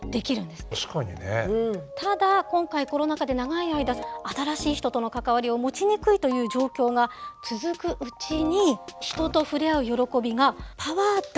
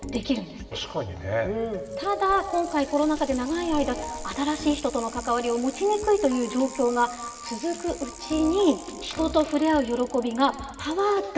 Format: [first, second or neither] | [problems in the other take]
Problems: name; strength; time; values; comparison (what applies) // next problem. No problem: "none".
first | background sound (Bicycle); 18 dB below the speech // room echo; dies away in 2.8 s